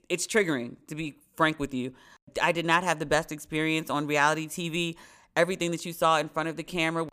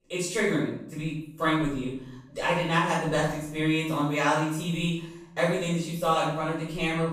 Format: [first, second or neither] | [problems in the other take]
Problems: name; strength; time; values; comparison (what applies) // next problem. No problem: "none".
first | off-mic speech; far // room echo; strong; dies away in 0.7 s